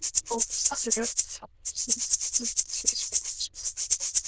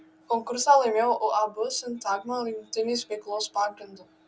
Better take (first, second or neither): second